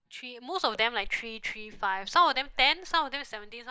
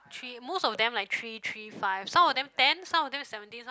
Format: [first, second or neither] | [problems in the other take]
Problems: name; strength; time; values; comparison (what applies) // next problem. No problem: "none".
second | noise reduction (neural mask model DeepFilterNet 3)